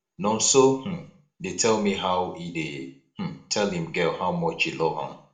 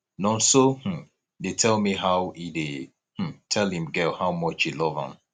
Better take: second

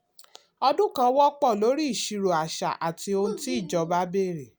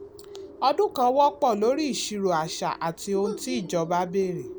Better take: first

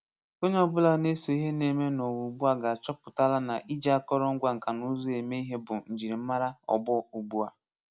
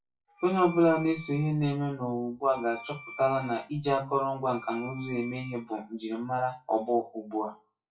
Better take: first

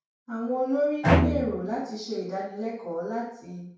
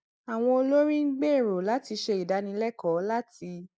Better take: second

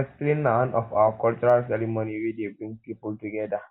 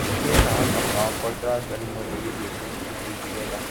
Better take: first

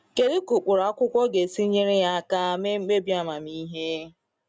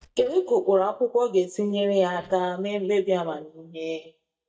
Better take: first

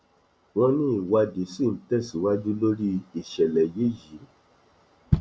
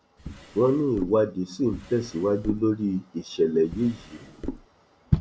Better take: first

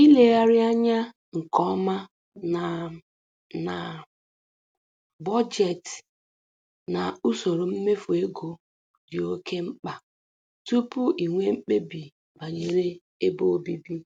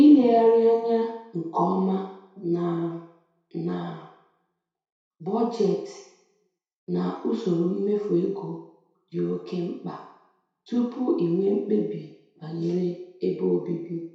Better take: first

